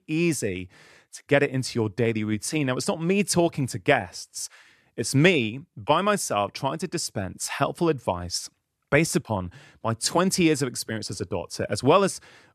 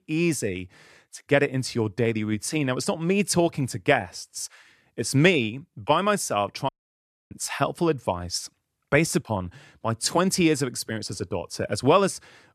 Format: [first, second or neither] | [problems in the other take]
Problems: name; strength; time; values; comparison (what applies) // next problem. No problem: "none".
first | audio cutting out; at 6.5 s for 0.5 s